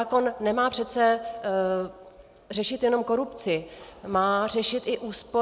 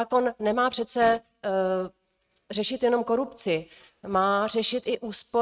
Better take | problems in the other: first | noise reduction (neural mask model RNNoise)

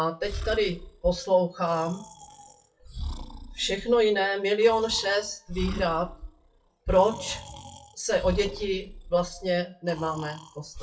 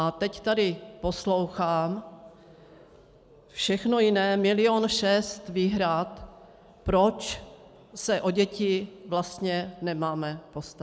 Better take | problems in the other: second | noise reduction (classical method WPE with log-MMSE)

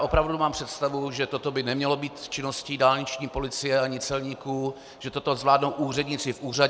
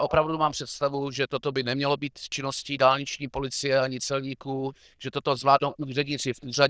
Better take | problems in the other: first | noise reduction (neural diffusion model UNIVERSE++)

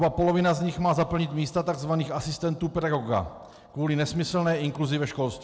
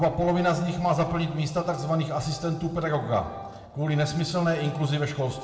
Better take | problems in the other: first | background sound (Organ); 19 dB below the speech // room echo; dies away in 1.2 s

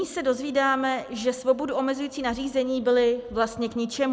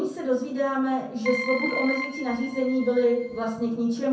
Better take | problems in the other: first | background sound (Keyboard (musical)); 8 dB below the speech // room echo; dies away in 0.5 s

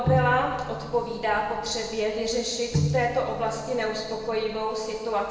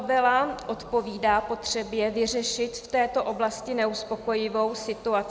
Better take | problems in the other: second | background sound (Bowed string instrument); 5 dB below the speech // room echo; dies away in 1.2 s

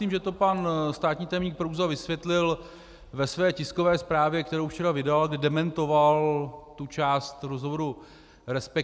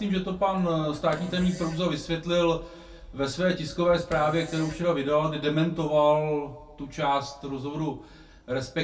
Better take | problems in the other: first | background sound (Fart); 19 dB below the speech // room echo; dies away in 0.2 s

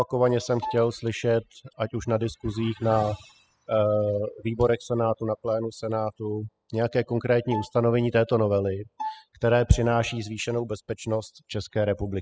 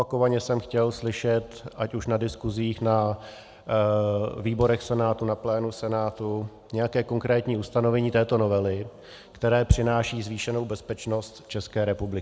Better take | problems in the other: second | noise reduction (classical method spectral subtraction)

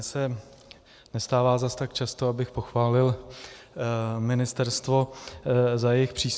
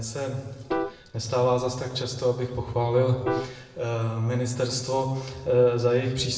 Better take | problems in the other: first | background sound (Piano); 11 dB below the speech // room echo; dies away in 1 s

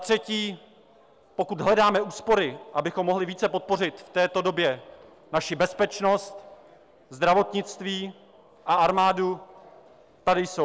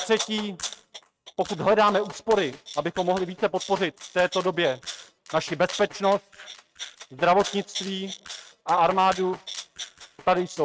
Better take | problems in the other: first | noise reduction (neural mask model RNNoise)

